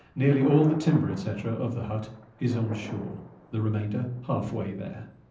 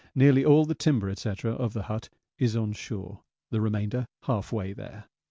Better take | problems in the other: second | background sound (Thunder); 17 dB below the speech // room echo; dies away in 0.6 s

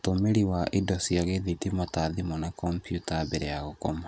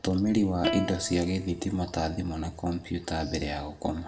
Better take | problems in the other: first | background sound (Plucked string instrument); 10 dB below the speech // room echo; dies away in 0.7 s

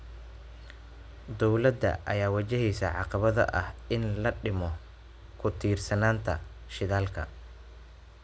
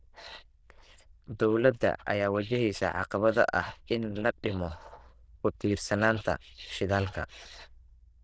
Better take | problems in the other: first | noise reduction (neural diffusion model UNIVERSE++)

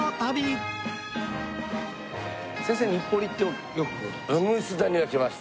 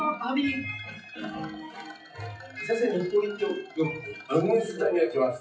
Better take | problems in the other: first | noise reduction (classical method WPE with log-MMSE)

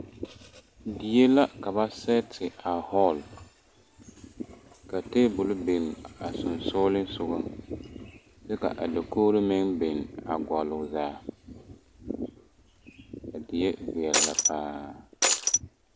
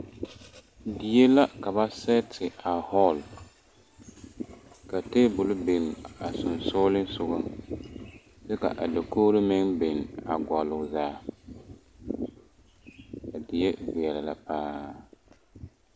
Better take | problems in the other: second | background sound (Shatter); 5 dB above the speech

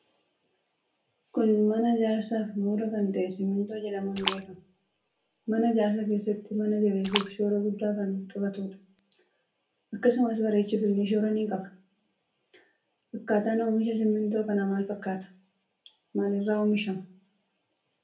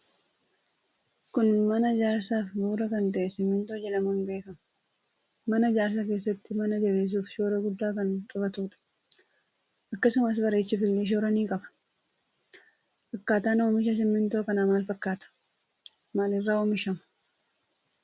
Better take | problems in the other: second | background sound (Splash, splatter); 11 dB below the speech // room echo; dies away in 0.3 s

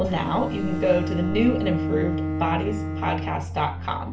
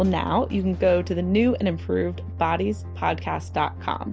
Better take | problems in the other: second | background sound (Bowed string instrument); 5 dB below the speech // room echo; dies away in 0.4 s

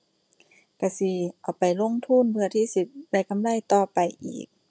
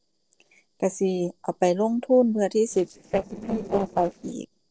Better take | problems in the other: first | noise reduction (neural separator model SepFormer DNS4)

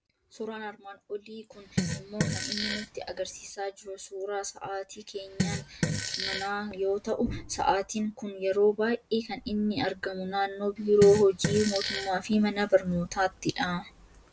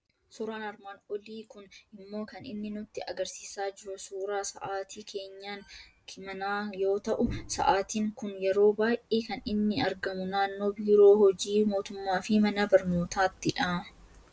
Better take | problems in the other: second | background sound (Fart); 4 dB below the speech

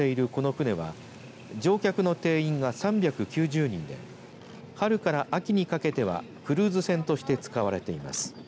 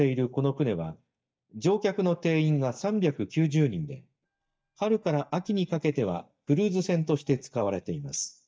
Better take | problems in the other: first | noise reduction (neural mask model DeepFilterNet 3)

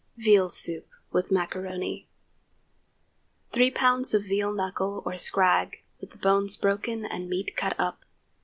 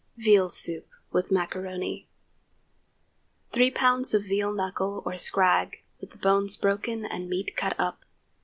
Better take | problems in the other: second | background sound (Tap); 18 dB below the speech

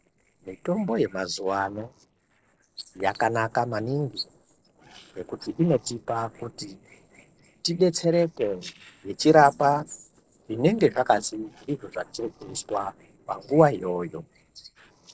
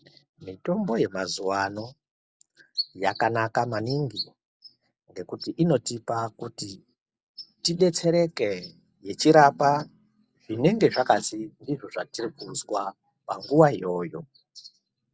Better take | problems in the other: second | noise reduction (neural separator model SepFormer DNS4)

